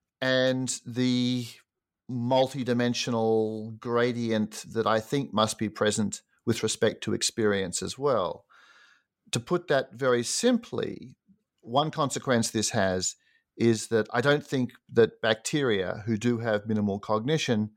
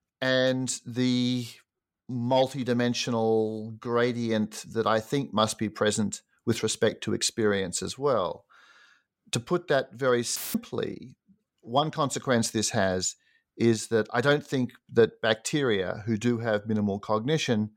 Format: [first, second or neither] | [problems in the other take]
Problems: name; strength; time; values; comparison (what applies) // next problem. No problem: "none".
first | audio cutting out; filled with static; at 10 s